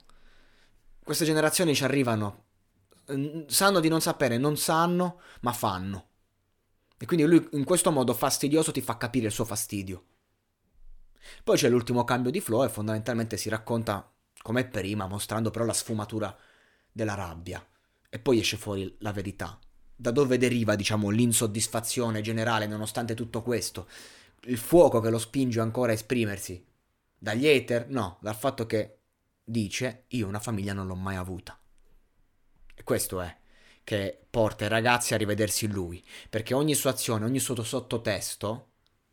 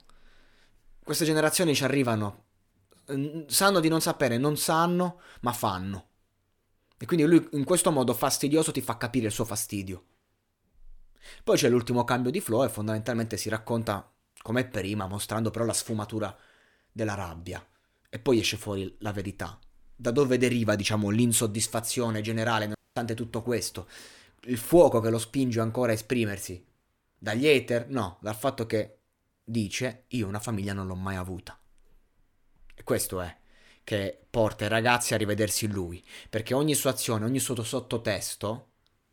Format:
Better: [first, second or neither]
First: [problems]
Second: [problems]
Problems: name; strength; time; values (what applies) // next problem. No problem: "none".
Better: first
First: none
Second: audio cutting out; at 23 s